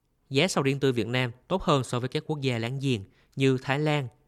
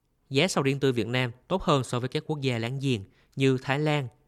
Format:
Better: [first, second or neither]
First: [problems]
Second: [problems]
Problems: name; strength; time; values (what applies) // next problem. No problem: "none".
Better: neither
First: none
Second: none